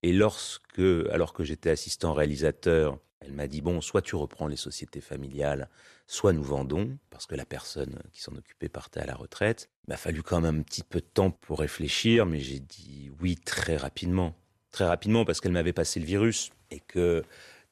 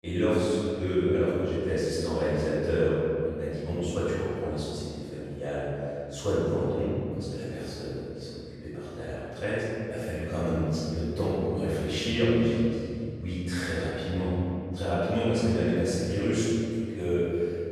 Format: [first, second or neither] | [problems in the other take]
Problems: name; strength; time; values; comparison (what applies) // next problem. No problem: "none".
first | off-mic speech; far // room echo; strong; dies away in 2.6 s